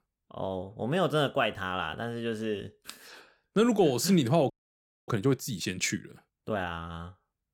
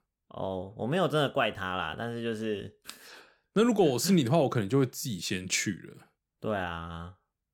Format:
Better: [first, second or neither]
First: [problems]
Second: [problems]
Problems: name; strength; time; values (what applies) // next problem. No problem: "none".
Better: second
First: audio freezing; at 4.5 s for 0.5 s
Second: none